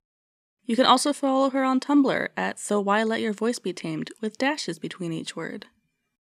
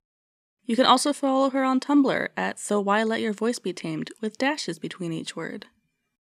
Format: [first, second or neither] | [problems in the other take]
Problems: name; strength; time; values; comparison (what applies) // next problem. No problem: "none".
neither | none